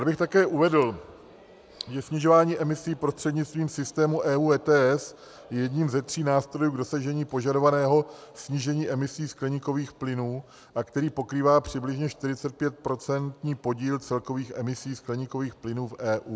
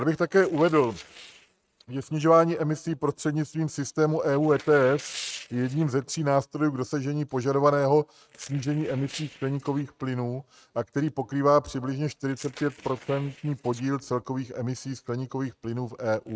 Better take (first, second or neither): first